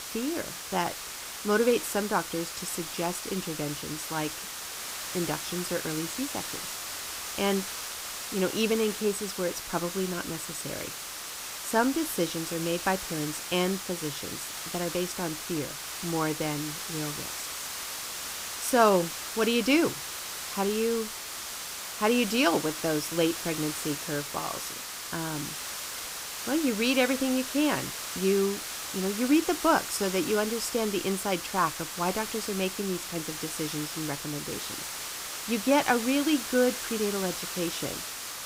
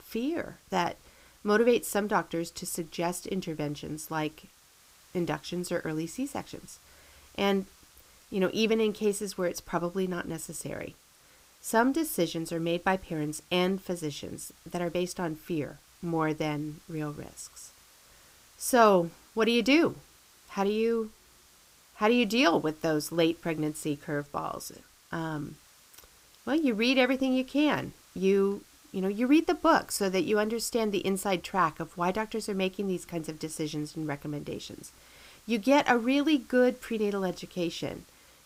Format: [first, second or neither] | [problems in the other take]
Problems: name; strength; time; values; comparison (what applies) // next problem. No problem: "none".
second | hiss; loud; throughout; 5 dB below the speech; faint in the second